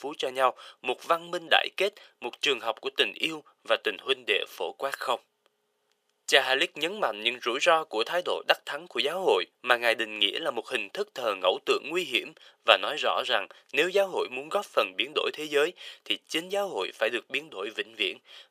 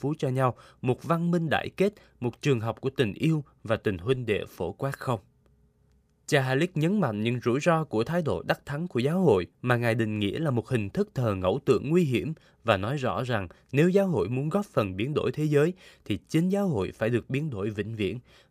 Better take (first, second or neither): second